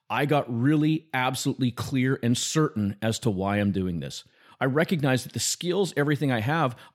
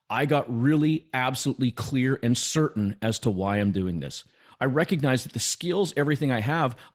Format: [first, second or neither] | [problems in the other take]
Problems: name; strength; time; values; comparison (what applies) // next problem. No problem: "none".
first | garbled, watery; slightly; nothing above 18.5 kHz